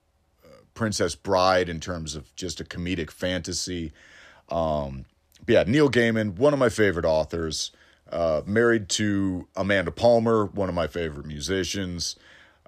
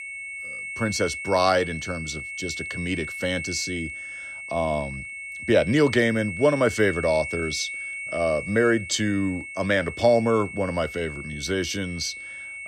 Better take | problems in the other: first | high-pitched whine; loud; throughout; 2 kHz, 8 dB below the speech

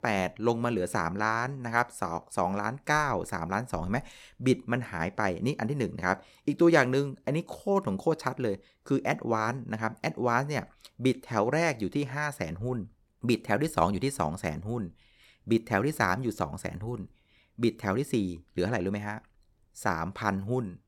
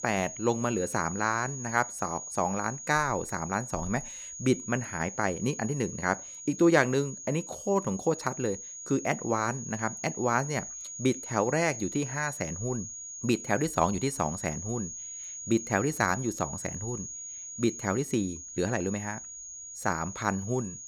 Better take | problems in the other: first | high-pitched whine; loud; throughout; 6.5 kHz, 9 dB below the speech

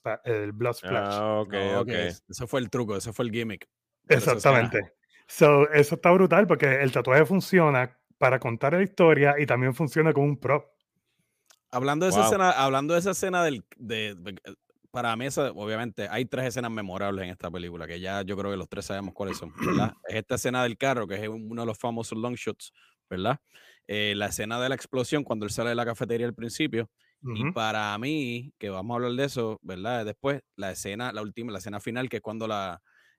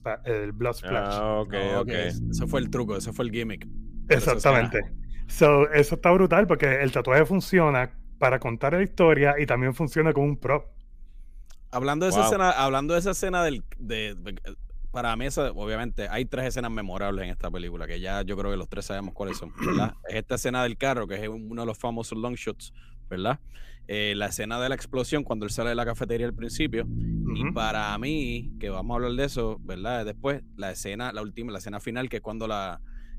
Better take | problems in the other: first | low rumble; faint; throughout; 20 dB below the speech

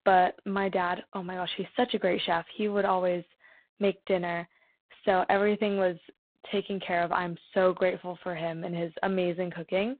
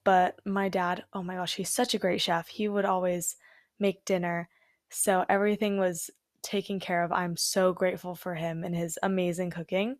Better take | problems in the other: second | phone-call audio; poor line; nothing above 4 kHz

